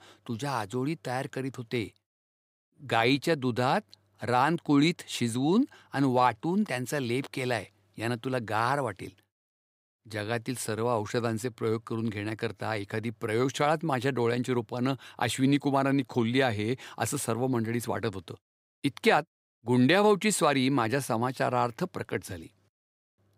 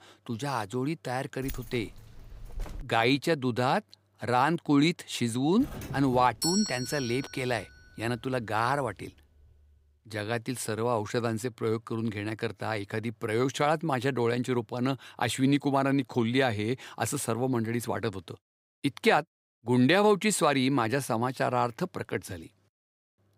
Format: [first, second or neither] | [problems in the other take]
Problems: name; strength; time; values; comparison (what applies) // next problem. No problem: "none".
first | jangling keys; faint; from 1.5 to 3 s; peak 15 dB below the speech // doorbell; noticeable; from 5.5 to 7 s; peak 1 dB below the speech